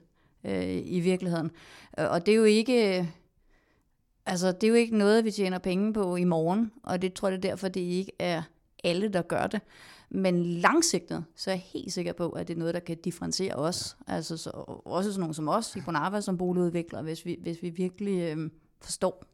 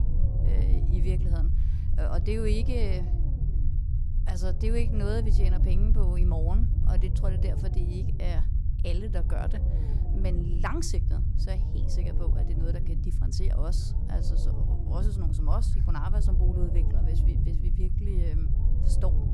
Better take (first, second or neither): first